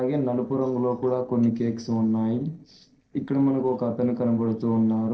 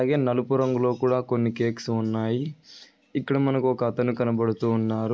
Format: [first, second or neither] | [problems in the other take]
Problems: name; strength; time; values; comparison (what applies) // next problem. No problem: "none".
second | noise reduction (neural separator model SepFormer DNS4)